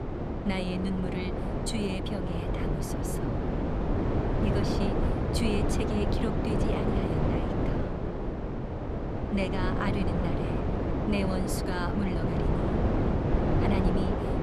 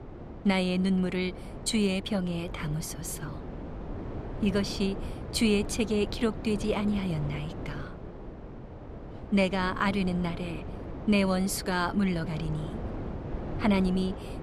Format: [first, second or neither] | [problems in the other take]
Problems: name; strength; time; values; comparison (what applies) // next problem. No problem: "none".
second | wind noise on the microphone; heavy; 3 dB above the speech; occasional gusts in the second